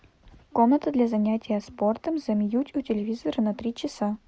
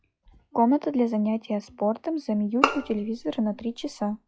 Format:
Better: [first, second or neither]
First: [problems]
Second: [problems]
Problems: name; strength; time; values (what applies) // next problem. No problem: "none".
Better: first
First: none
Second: noise reduction (classical method log-MMSE)